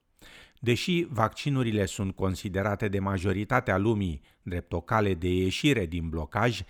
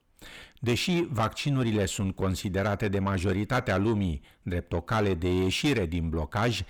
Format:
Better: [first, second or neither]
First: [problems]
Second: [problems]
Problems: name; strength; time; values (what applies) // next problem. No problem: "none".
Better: first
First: none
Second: distortion; slight; 10 dB below the speech